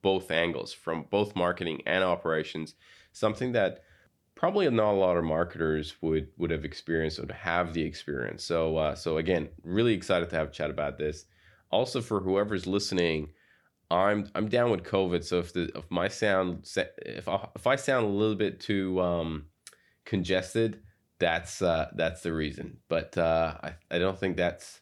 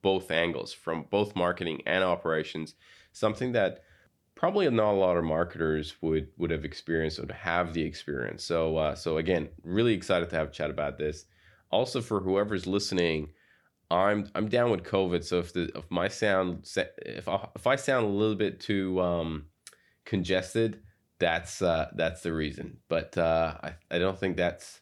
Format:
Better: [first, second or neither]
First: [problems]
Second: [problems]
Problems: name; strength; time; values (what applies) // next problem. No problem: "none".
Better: neither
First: none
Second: none